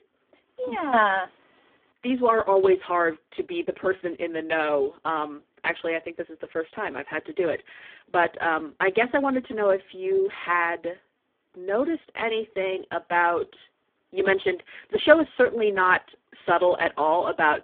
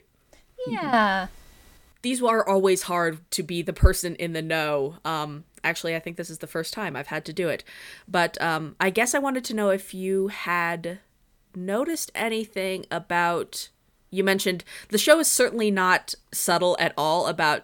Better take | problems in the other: second | phone-call audio; poor line

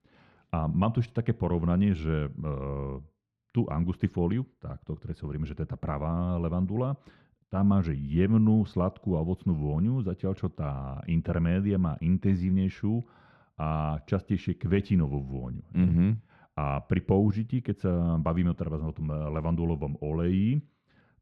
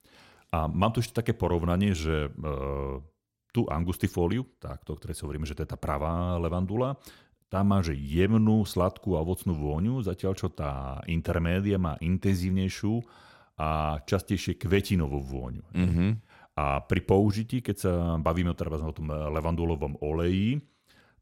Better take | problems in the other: second | muffled; slightly; fading above 2.5 kHz

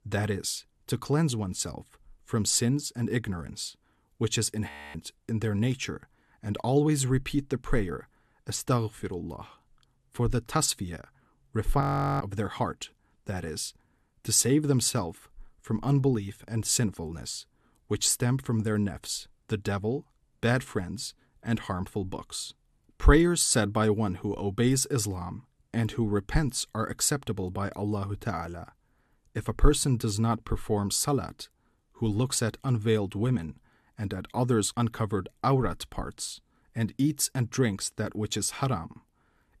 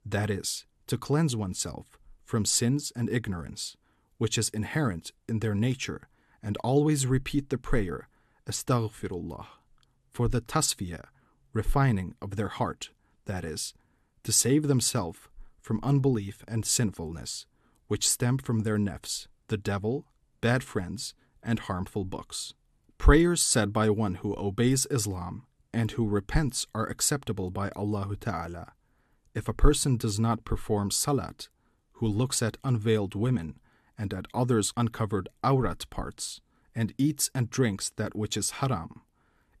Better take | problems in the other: second | audio freezing; at 4.5 s and at 12 s

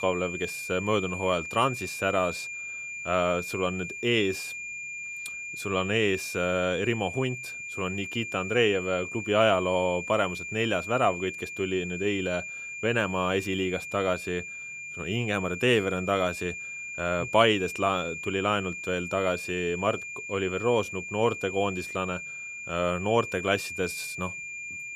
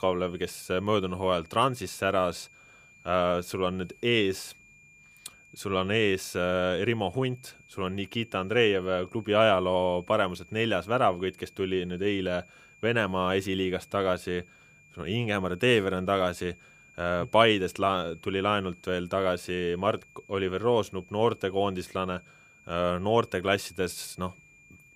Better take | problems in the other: second | high-pitched whine; loud; throughout; 2.5 kHz, 7 dB below the speech; faint in the second

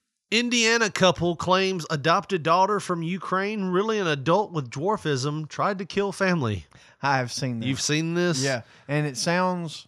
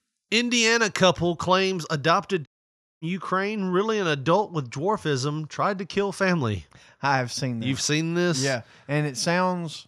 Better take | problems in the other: first | audio cutting out; at 2.5 s for 0.5 s

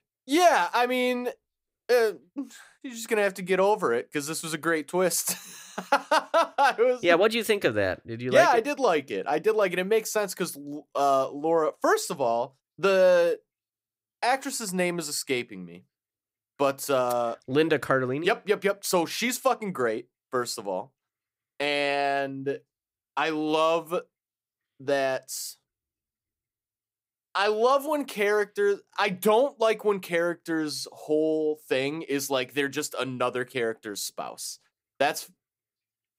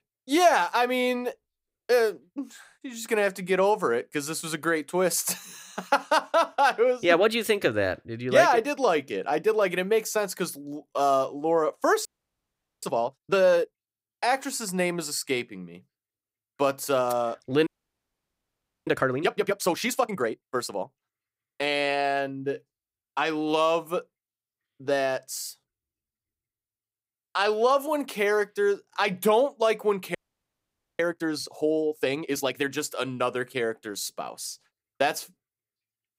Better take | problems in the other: first | audio freezing; at 12 s for 1 s, at 18 s for 1 s and at 30 s for 1 s

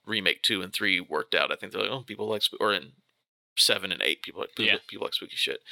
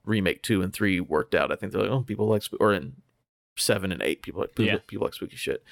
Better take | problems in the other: second | thin; somewhat; fading below 650 Hz

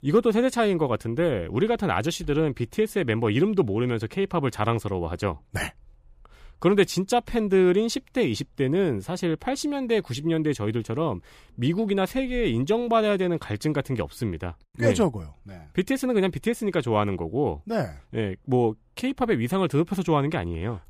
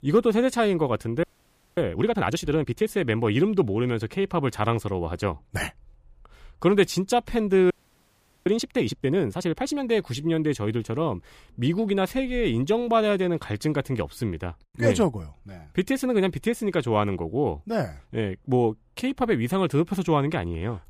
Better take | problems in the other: first | audio freezing; at 1 s for 0.5 s and at 7.5 s for 1 s

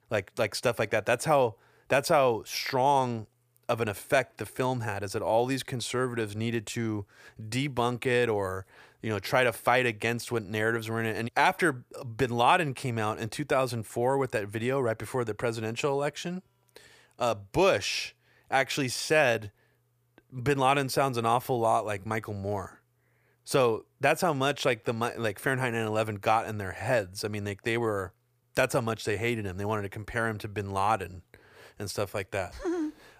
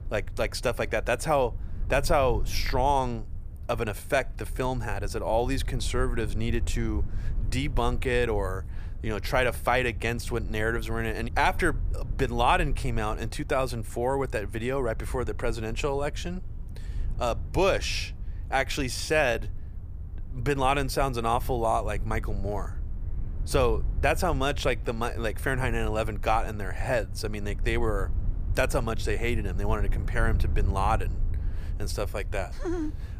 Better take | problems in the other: first | low rumble; faint; throughout; 25 dB below the speech

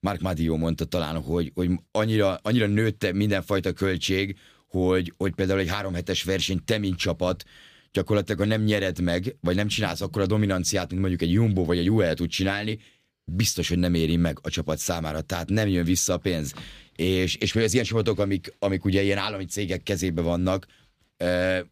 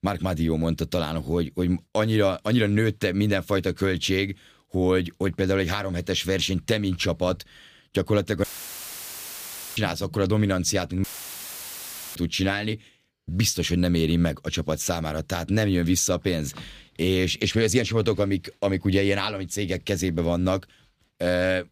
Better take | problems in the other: first | audio cutting out; filled with static; at 8.5 s for 1.5 s and at 11 s for 1 s

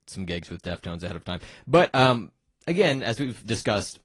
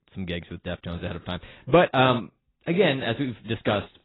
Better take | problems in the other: first | garbled, watery; badly; nothing above 4 kHz; slightly in the first

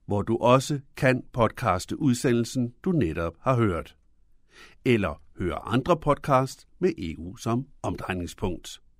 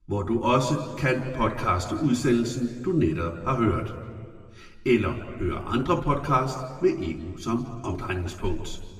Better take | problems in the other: first | room echo; slight; dies away in 1.6 s // off-mic speech; somewhat distant

